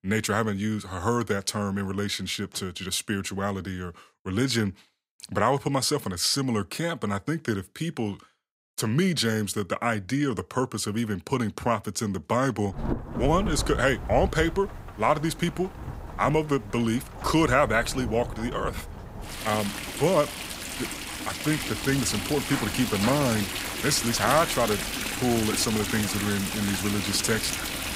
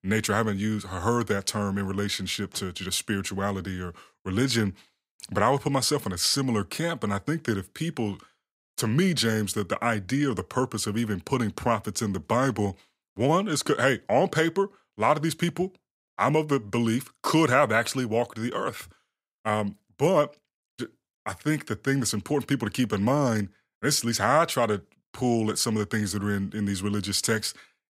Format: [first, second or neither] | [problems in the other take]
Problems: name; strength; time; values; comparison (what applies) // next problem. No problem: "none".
second | rain or running water; loud; from 13 s on; 5 dB below the speech